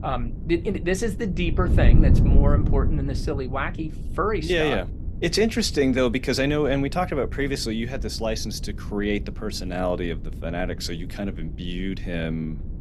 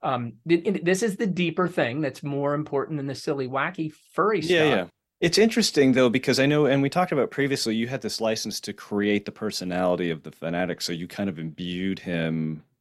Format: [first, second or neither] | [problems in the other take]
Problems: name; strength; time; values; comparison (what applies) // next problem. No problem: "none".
second | wind noise on the microphone; occasional gusts; 15 dB below the speech